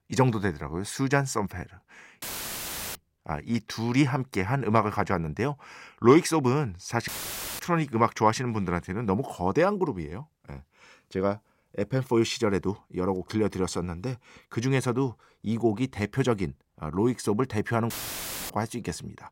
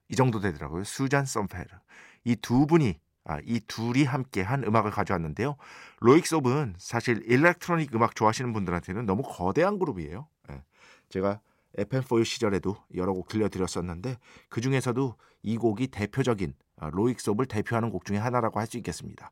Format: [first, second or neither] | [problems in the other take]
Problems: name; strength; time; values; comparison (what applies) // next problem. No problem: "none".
second | audio cutting out; filled with static; at 2 s for 0.5 s, at 7 s for 0.5 s and at 18 s for 0.5 s